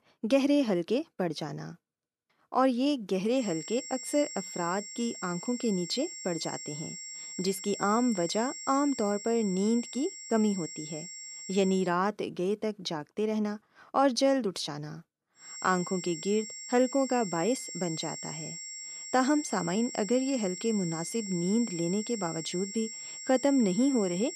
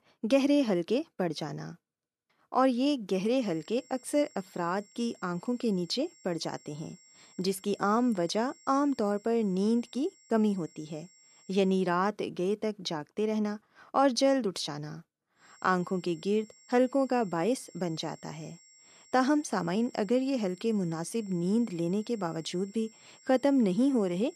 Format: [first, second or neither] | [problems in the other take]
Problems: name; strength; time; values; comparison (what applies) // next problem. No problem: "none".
second | high-pitched whine; loud; from 3.5 to 12 s and from 15 s on; 7.5 kHz, 9 dB below the speech; faint in the second